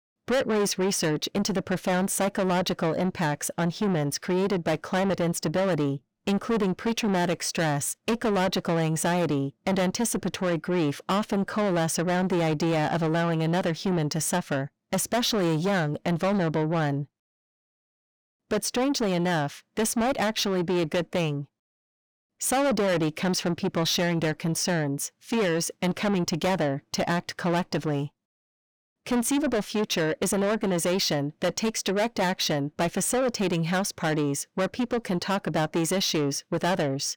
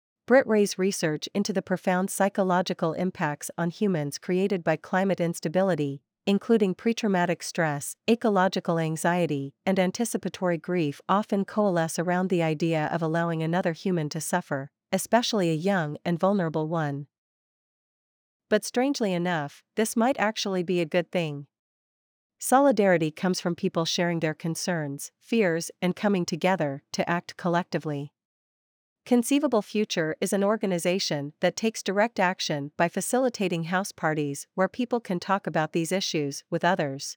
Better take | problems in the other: second | distortion; heavy; 7 dB below the speech

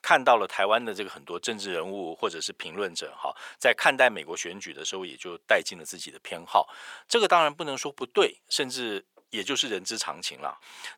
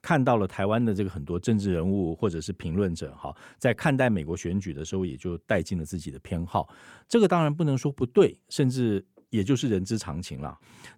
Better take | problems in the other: second | thin; very; fading below 750 Hz

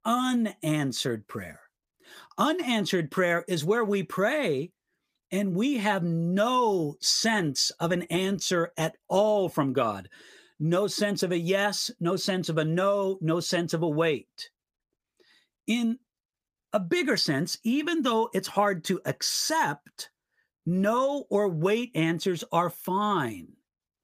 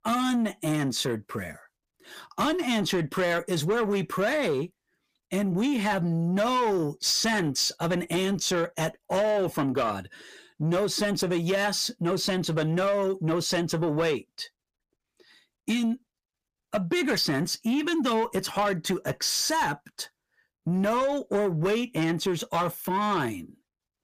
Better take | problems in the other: first | distortion; slight; 10 dB below the speech

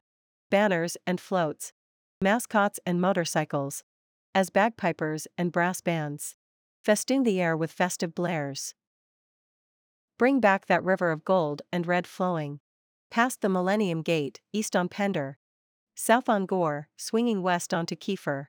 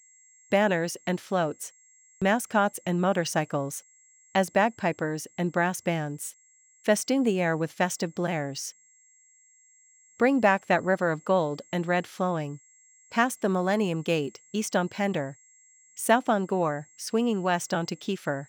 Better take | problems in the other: first | high-pitched whine; faint; throughout; 7.5 kHz, 30 dB below the speech

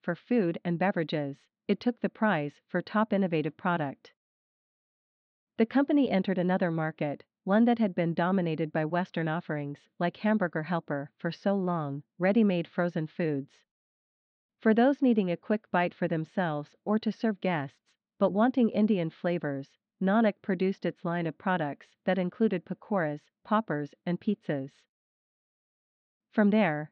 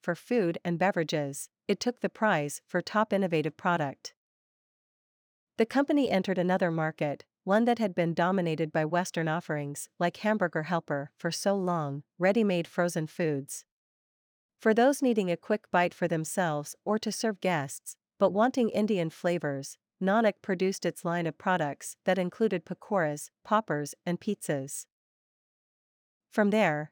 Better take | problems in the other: second | muffled; slightly; fading above 4 kHz

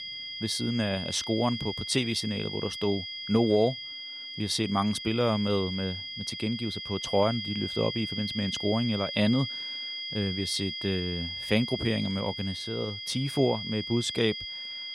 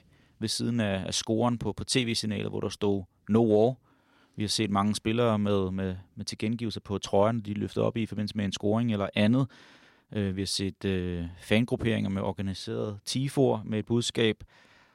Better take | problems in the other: second | high-pitched whine; loud; throughout; 3.5 kHz, 5 dB below the speech

